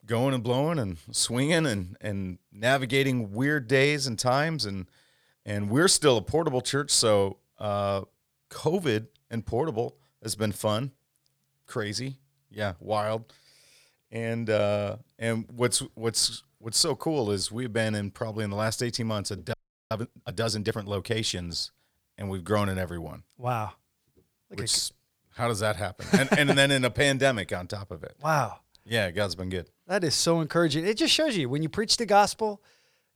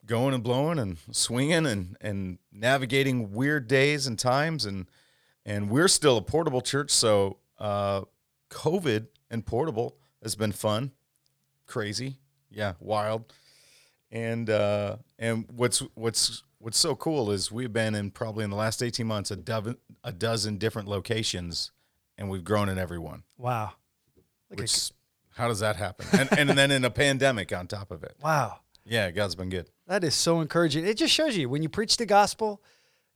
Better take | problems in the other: second | audio freezing; at 20 s

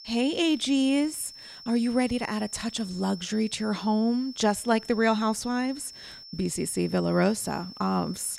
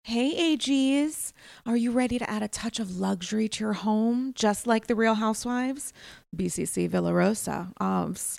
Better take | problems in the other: second | high-pitched whine; noticeable; throughout; 5.5 kHz, 15 dB below the speech

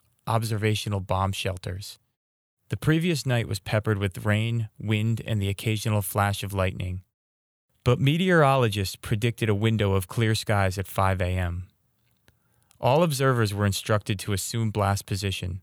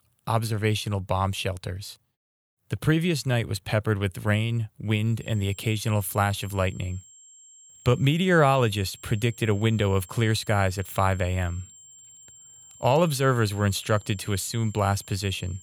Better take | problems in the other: first | high-pitched whine; faint; from 5 s on; 7.5 kHz, 20 dB below the speech

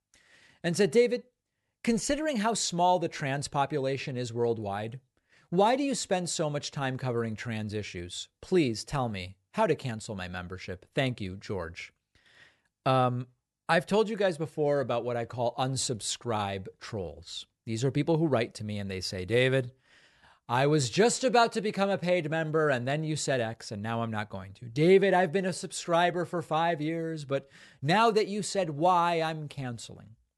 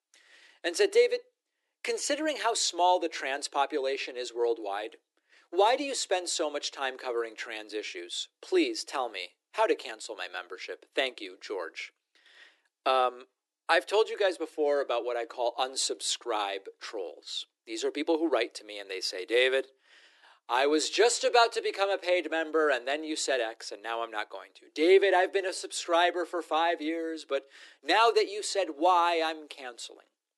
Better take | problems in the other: first | thin; very; fading below 300 Hz

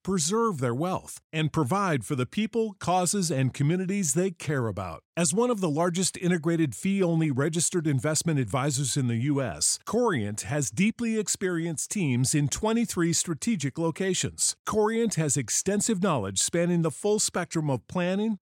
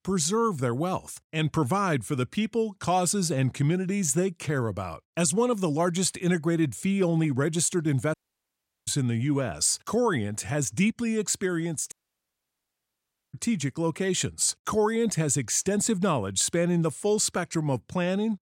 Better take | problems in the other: first | audio cutting out; at 8 s for 0.5 s and at 12 s for 1.5 s

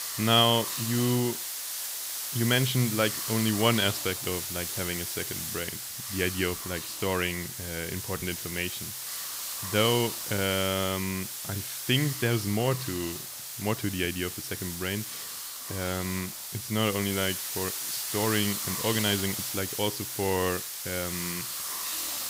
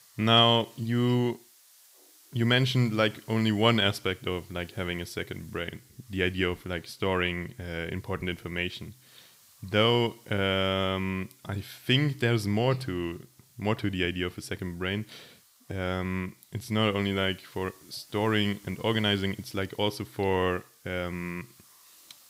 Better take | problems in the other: second | hiss; loud; throughout; 3 dB below the speech; faint in the second

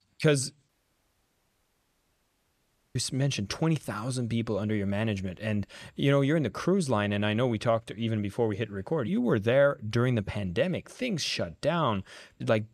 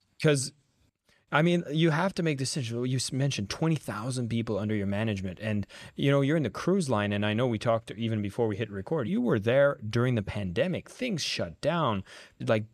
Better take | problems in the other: second | audio cutting out; at 0.5 s for 2.5 s

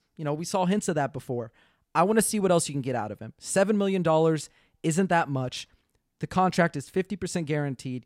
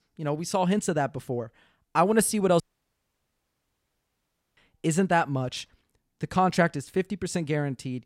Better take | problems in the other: first | audio cutting out; at 2.5 s for 2 s

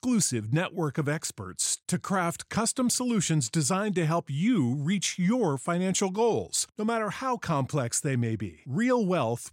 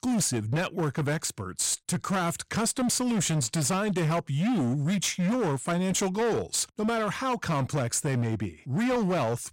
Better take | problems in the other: first | distortion; slight; 24% of the sound clipped

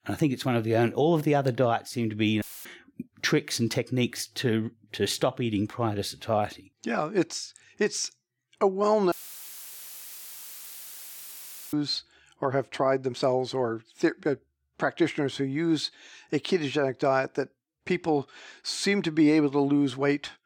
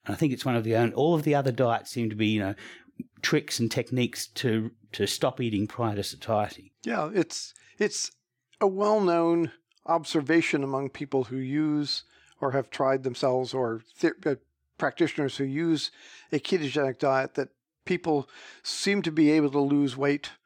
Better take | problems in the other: second | audio cutting out; filled with static; at 2.5 s and at 9 s for 2.5 s

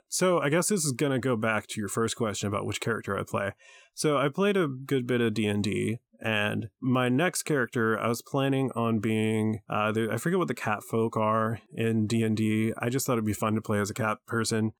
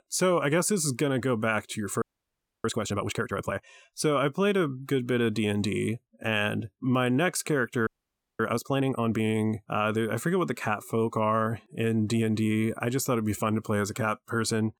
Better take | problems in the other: first | audio freezing; at 2 s for 0.5 s and at 8 s for 0.5 s

